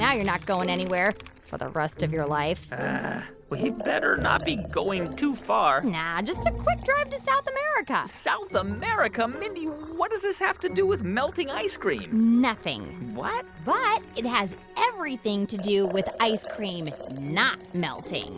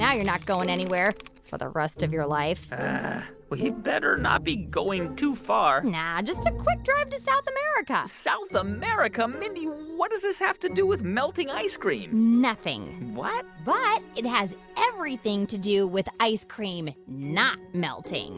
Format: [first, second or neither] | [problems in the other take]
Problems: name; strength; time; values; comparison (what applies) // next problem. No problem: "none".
second | background sound (Liquid); 17 dB below the speech